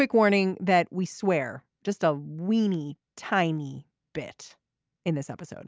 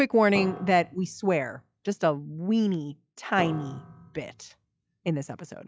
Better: first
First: none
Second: noise reduction (classical method log-MMSE)

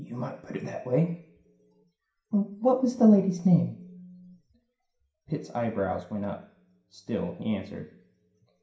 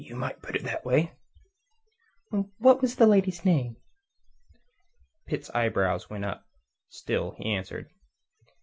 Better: second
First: room echo; dies away in 0.5 s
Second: none

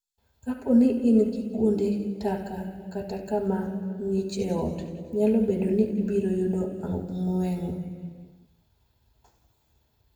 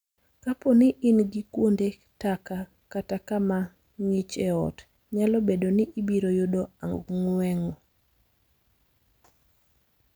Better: second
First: room echo; dies away in 1.6 s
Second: none

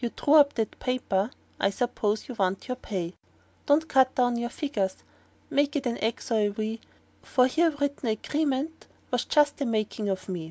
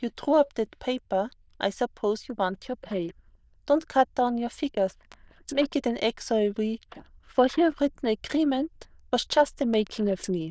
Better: first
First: none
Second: noise reduction (neural diffusion model UNIVERSE++)

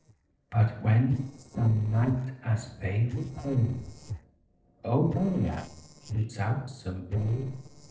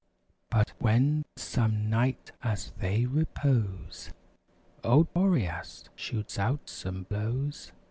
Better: second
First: noise reduction (neural separator model SepFormer DNS4)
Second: none

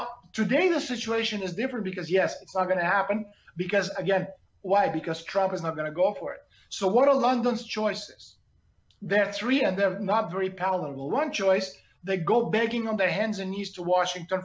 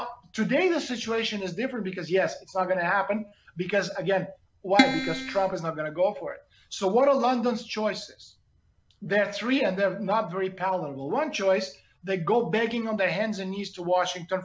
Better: first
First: none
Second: background sound (Keyboard (musical)); 1 dB above the speech

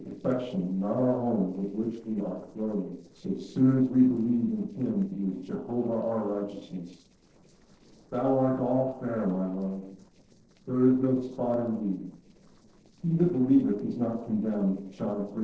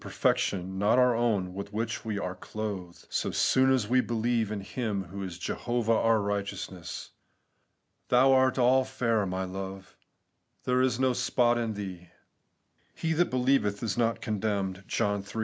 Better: second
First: noise reduction (neural separator model SepFormer DNS4)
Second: none

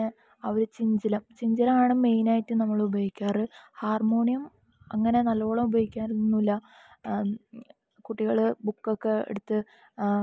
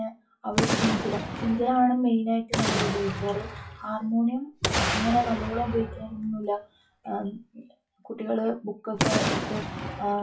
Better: first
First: none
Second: noise reduction (classical method WPE with log-MMSE)

